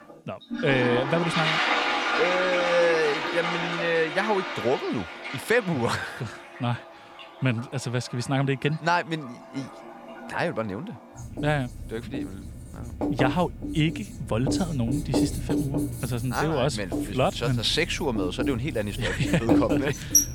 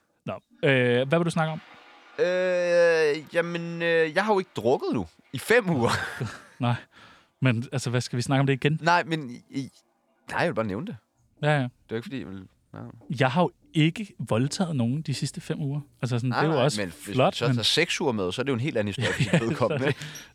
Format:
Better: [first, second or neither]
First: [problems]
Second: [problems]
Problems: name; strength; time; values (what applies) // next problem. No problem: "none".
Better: second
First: household noises; loud; throughout; 1 dB below the speech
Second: household noises; faint; throughout; 30 dB below the speech